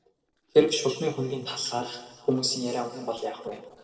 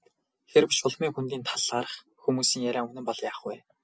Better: second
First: noise reduction (neural separator model SepFormer DNS4)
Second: none

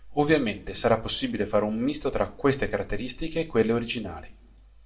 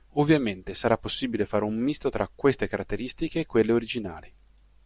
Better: second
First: room echo; dies away in 0.4 s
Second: none

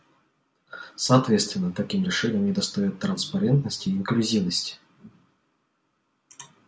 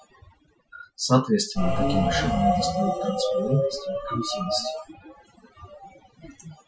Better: first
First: none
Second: noise reduction (classical method Wiener filter)

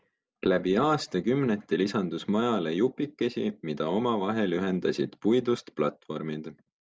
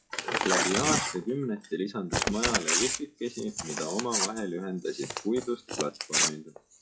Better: first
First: none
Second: noise reduction (classical method log-MMSE)

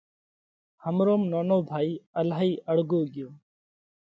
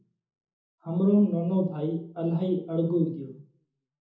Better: first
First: none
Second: room echo; dies away in 0.6 s

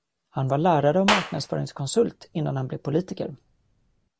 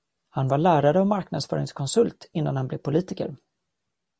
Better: second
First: background sound (Clapping); 7 dB below the speech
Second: none

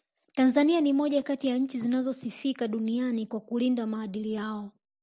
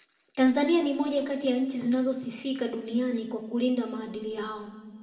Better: first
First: none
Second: room echo; dies away in 2 s

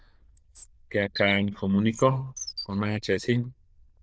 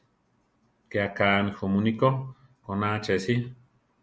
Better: second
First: noise reduction (neural diffusion model UNIVERSE++)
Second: none

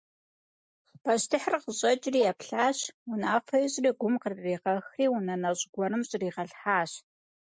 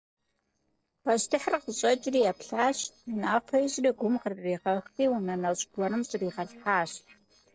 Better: first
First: none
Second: noise reduction (neural separator model SepFormer DNS4)

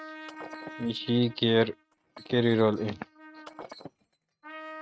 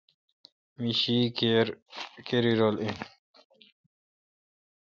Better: second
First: noise reduction (neural mask model RNNoise)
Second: none

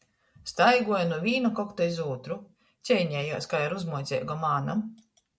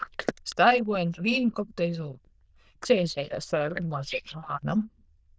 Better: first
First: none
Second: noise reduction (neural diffusion model UNIVERSE++)

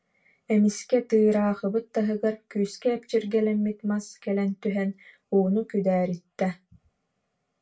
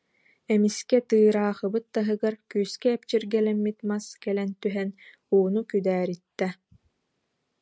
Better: second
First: room echo; dies away in 0.2 s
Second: none

